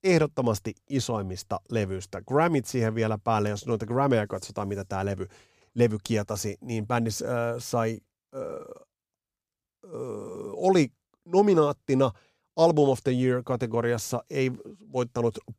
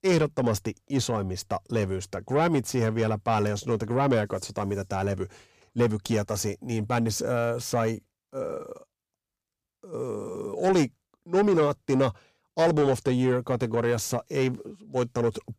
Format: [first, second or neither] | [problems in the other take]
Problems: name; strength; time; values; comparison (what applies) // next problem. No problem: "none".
first | distortion; slight; 10 dB below the speech